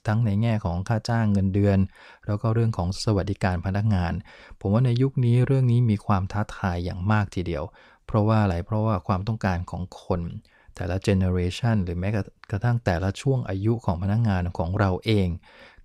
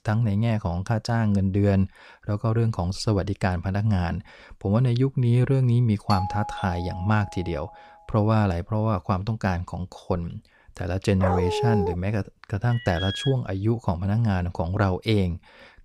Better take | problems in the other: first | doorbell; noticeable; from 6 to 7.5 s; peak 6 dB below the speech // dog barking; noticeable; at 11 s; peak 1 dB below the speech // alarm; noticeable; at 13 s; peak 6 dB below the speech

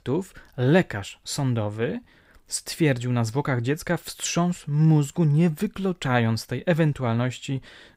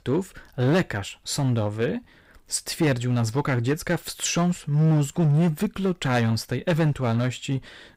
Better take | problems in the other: first | distortion; slight; 8% of the sound clipped

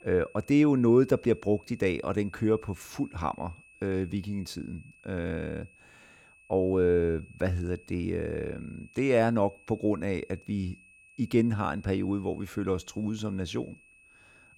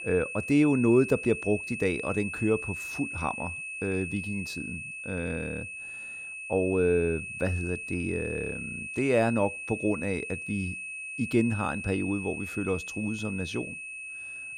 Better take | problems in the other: first | high-pitched whine; loud; throughout; 2.5 kHz, 6 dB below the speech; faint in the first

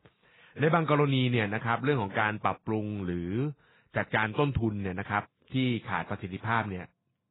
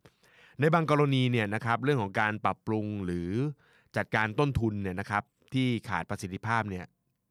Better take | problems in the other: second | garbled, watery; badly; nothing above 4 kHz

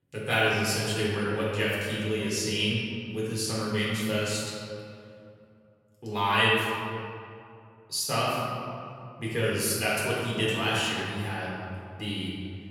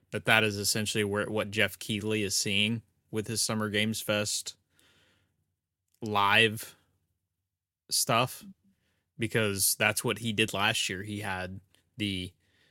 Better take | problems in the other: second | off-mic speech; far // room echo; strong; dies away in 2.2 s

